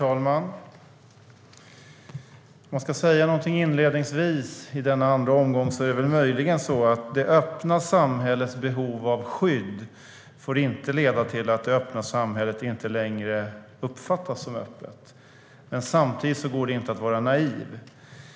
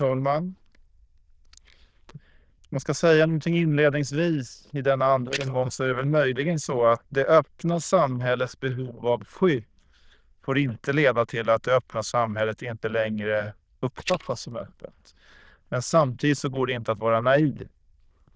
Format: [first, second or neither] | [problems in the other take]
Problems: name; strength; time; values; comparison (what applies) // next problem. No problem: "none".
first | noise reduction (neural diffusion model UNIVERSE++)